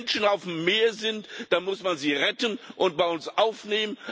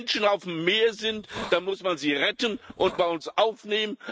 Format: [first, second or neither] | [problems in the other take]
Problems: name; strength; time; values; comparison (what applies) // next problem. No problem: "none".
first | noise reduction (neural mask model RNNoise)